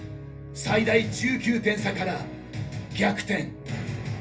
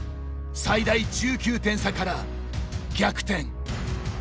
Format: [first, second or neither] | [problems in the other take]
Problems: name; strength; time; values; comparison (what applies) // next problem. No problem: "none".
second | room echo; dies away in 0.3 s